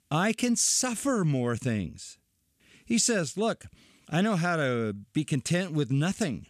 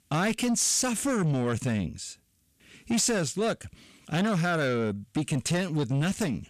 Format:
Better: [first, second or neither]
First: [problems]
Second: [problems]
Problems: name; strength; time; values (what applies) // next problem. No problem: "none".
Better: first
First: none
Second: distortion; slight; 10 dB below the speech